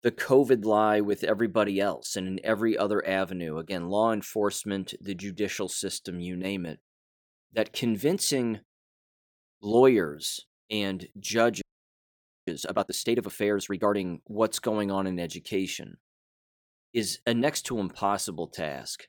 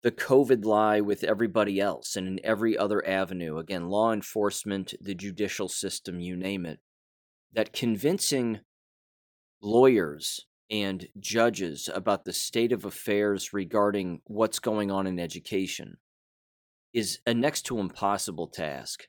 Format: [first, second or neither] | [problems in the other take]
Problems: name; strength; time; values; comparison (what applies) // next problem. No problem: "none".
second | audio freezing; at 12 s for 1 s